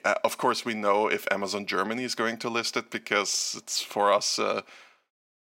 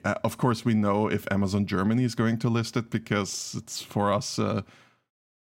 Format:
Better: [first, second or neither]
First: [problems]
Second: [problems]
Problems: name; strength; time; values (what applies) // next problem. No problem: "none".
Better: second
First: thin; very; fading below 500 Hz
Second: none